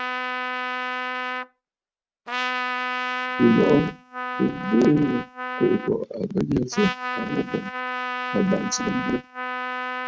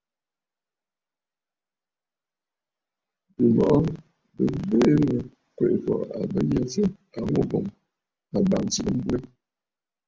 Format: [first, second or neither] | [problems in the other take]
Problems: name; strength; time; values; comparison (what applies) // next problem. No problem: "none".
second | noise reduction (neural mask model RNNoise)